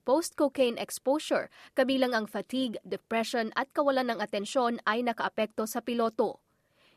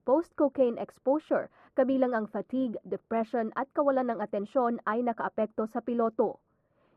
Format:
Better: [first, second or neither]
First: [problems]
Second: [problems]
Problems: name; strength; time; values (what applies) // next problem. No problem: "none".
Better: first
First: none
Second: muffled; very; fading above 2 kHz